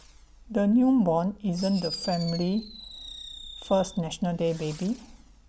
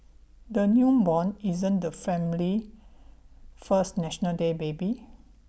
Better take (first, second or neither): second